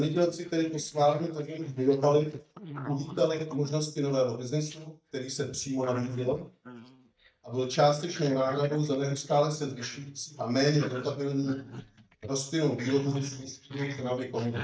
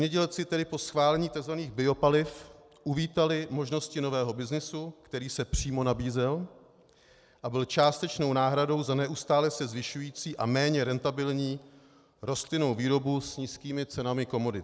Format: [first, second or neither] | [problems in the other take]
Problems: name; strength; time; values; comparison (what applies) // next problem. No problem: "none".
second | noise reduction (neural mask model DeepFilterNet 3)